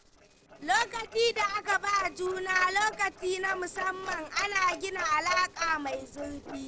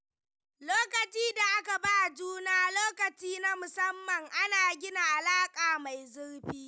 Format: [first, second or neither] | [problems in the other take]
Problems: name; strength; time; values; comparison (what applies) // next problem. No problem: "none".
second | noise reduction (neural separator model SepFormer DNS4)